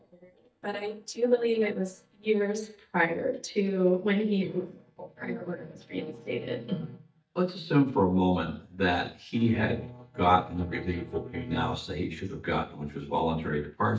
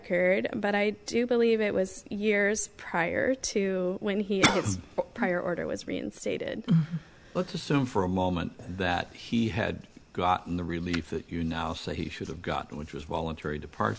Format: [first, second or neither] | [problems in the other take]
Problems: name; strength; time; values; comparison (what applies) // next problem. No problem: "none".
second | noise reduction (neural mask model DeepFilterNet 3)